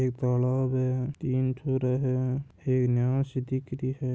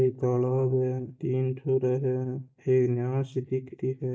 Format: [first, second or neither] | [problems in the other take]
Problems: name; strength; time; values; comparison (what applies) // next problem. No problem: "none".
first | noise reduction (neural mask model DeepFilterNet 3)